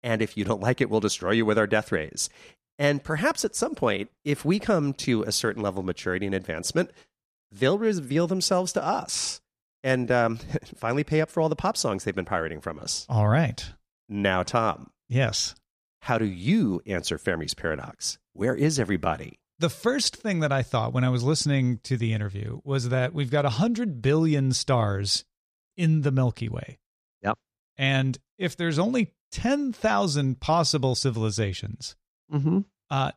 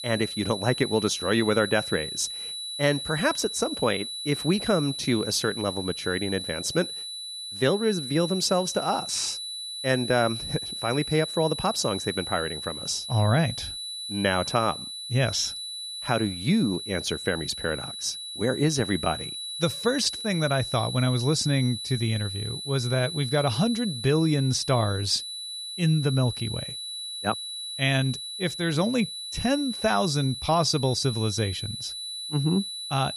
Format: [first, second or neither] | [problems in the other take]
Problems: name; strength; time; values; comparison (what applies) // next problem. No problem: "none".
first | high-pitched whine; loud; throughout; 4 kHz, 6 dB below the speech